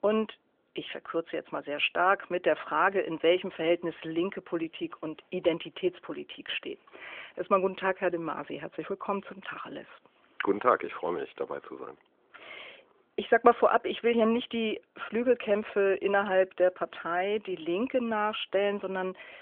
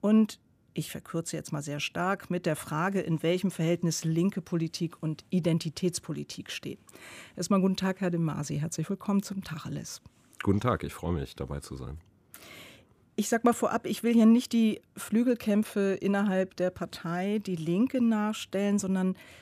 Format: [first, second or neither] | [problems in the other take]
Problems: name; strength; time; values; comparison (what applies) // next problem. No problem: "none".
second | phone-call audio; nothing above 3.5 kHz